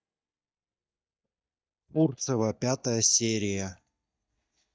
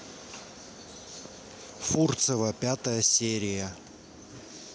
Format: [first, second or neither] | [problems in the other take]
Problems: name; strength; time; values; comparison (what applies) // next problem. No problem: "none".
second | noise reduction (neural mask model DeepFilterNet 3)